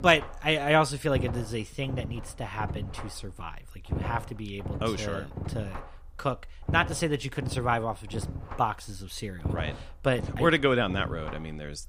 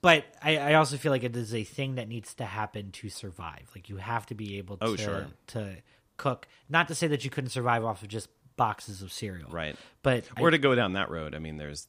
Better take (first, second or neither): second